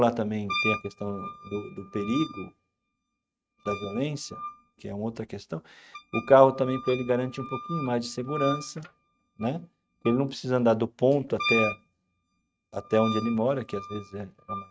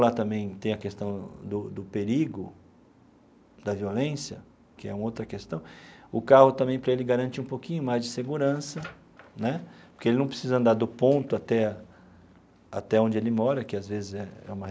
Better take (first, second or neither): second